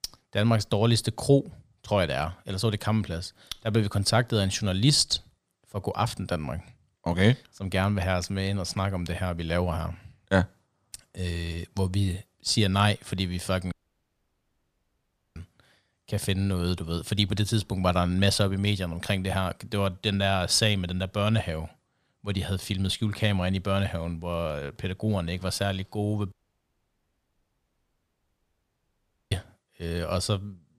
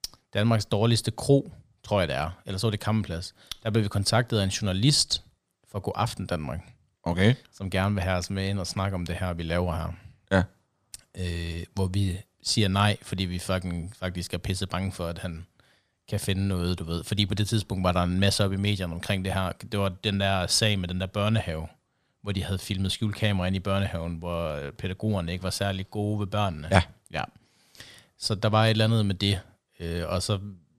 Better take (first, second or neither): second